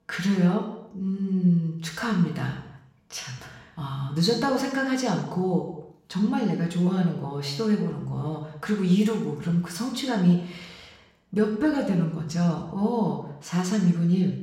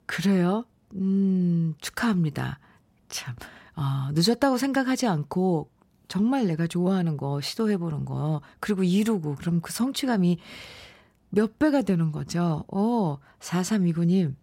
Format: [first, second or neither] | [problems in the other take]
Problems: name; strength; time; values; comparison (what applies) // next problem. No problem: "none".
second | room echo; noticeable; dies away in 0.7 s // off-mic speech; far